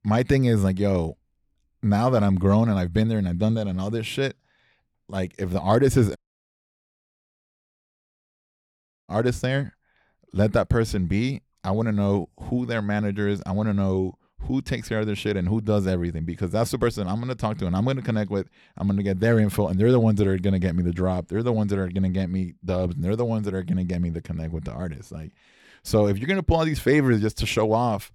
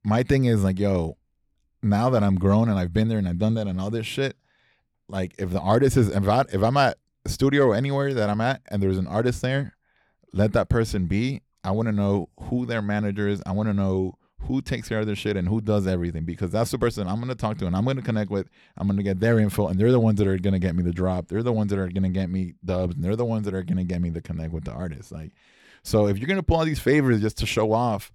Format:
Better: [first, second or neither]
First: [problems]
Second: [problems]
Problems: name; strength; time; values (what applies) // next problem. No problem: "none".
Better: second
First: audio cutting out; at 6 s for 3 s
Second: none